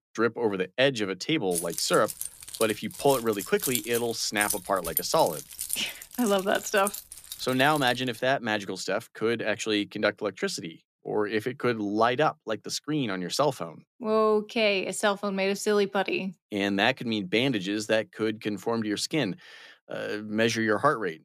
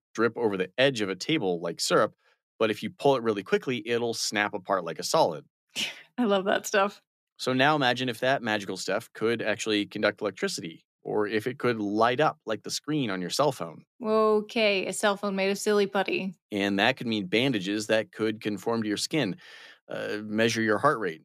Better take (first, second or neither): second